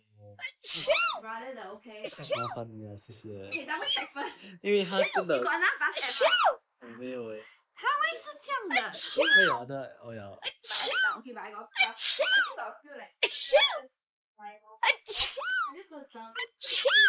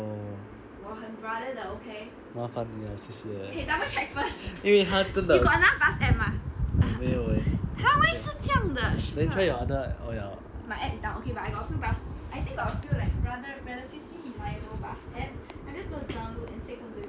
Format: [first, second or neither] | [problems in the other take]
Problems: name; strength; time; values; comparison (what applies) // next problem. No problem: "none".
second | noise reduction (neural mask model Resemble Enhance denoiser)